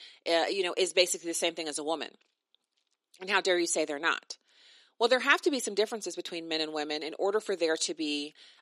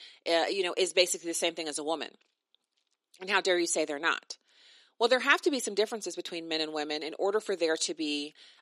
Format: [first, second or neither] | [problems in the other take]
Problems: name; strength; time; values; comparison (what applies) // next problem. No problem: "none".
neither | thin; somewhat; fading below 300 Hz; the same in both